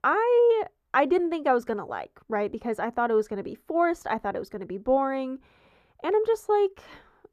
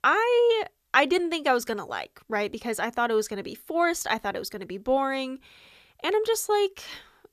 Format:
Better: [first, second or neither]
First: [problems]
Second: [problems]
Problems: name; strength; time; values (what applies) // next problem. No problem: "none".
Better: second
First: muffled; very; fading above 2 kHz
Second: none